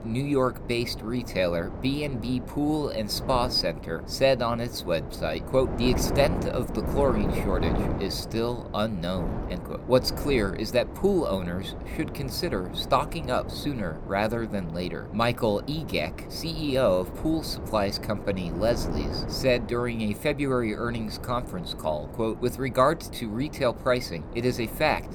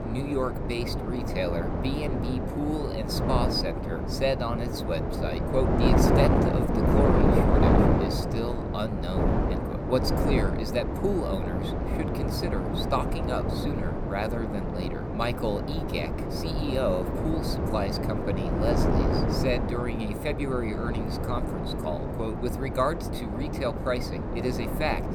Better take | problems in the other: first | wind noise on the microphone; heavy; as loud as the speech; occasional gusts in the first

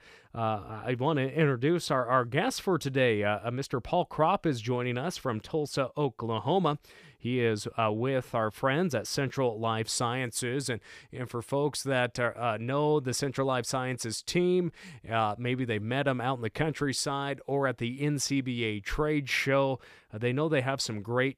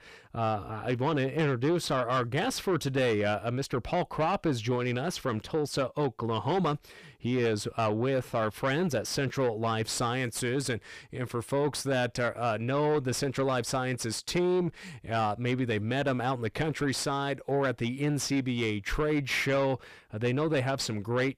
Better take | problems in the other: first | distortion; slight; 10 dB below the speech

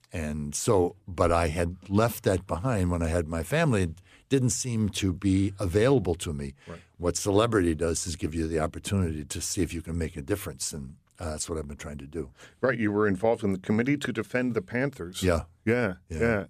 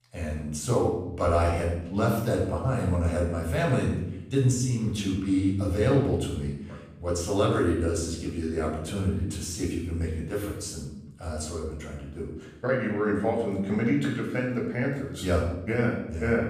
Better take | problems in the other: first | room echo; noticeable; dies away in 0.8 s // off-mic speech; far

